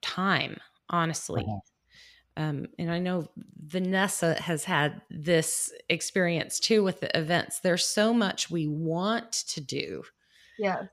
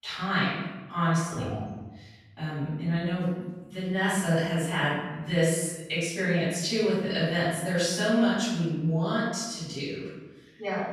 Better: first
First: none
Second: off-mic speech; far // room echo; strong; dies away in 1.1 s

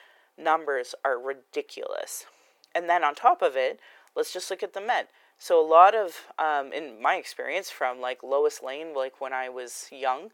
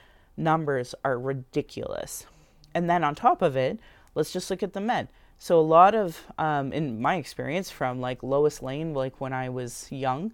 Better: second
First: thin; very; fading below 400 Hz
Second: none

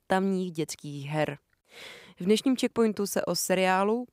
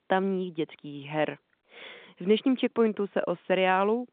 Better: first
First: none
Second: phone-call audio; nothing above 3 kHz

